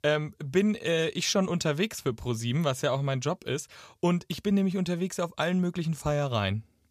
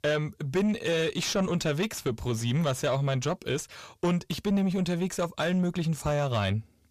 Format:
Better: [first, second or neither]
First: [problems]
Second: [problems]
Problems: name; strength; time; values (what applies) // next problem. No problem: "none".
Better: first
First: none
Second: distortion; slight; 10 dB below the speech